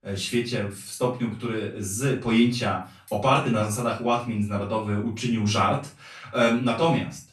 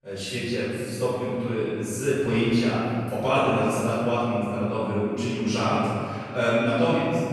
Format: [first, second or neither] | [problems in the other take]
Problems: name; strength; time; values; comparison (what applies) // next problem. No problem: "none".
first | room echo; strong; dies away in 2.3 s; slight in the first // off-mic speech; far; far in the first